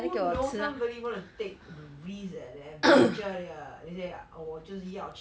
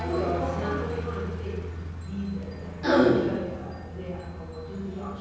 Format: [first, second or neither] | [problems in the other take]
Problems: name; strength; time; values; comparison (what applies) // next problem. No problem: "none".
first | background sound (Aircraft); 7 dB below the speech // room echo; dies away in 1.3 s